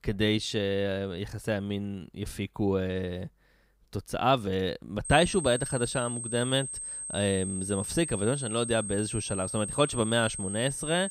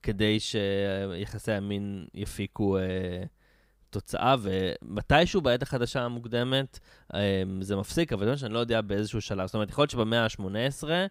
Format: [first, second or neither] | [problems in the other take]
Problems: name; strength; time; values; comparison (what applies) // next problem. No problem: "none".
second | high-pitched whine; loud; from 5 s on; 8.5 kHz, 5 dB below the speech